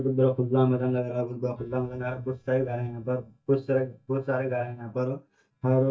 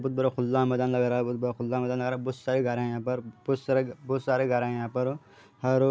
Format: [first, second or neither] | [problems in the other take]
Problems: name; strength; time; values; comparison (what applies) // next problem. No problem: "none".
second | noise reduction (neural mask model DeepFilterNet 3)